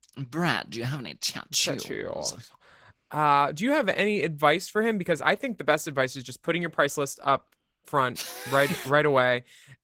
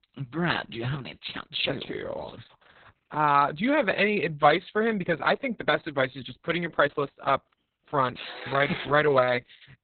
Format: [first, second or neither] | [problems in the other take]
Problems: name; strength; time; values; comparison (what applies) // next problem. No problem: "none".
first | garbled, watery; badly; nothing above 4 kHz; slightly in the first